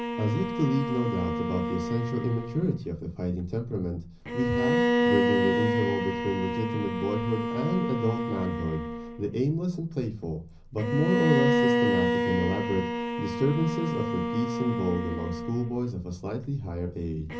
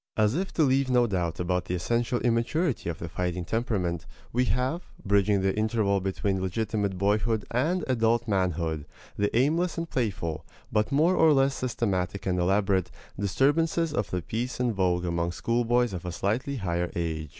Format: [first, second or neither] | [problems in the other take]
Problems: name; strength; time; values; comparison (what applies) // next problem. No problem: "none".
second | background sound (Bowed string instrument); as loud as the speech // room echo; dies away in 0.5 s